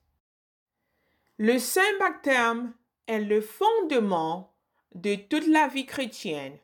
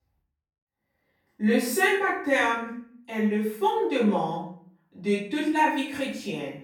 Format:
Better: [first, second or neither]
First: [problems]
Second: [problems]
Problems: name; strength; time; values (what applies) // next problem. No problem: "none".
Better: first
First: none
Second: off-mic speech; far // room echo; noticeable; dies away in 0.5 s